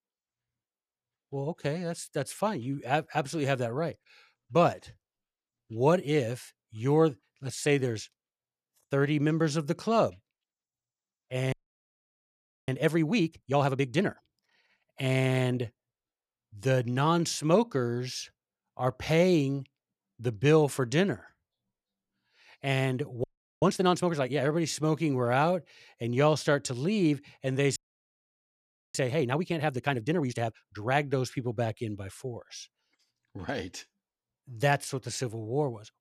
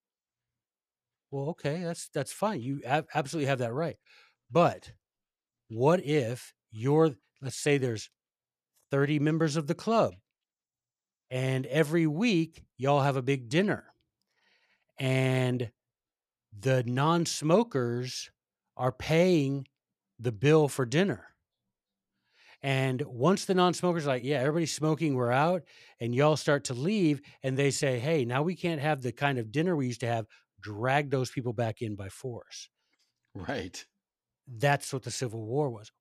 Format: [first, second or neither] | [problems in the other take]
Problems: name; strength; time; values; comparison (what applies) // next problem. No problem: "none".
second | audio freezing; at 12 s for 1 s, at 23 s and at 28 s for 1 s